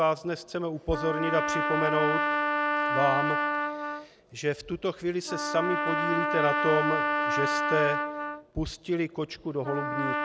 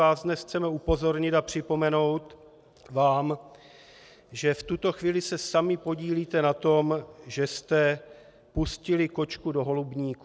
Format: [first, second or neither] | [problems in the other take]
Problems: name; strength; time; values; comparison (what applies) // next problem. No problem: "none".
second | background sound (Trumpet); 1 dB above the speech